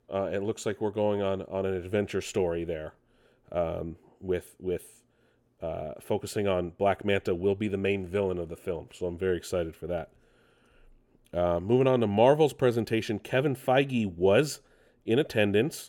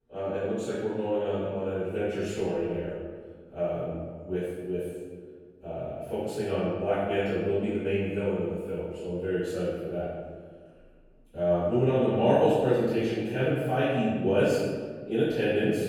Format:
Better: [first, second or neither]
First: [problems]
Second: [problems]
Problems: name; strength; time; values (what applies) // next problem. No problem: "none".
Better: first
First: none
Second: room echo; strong; dies away in 1.5 s // off-mic speech; far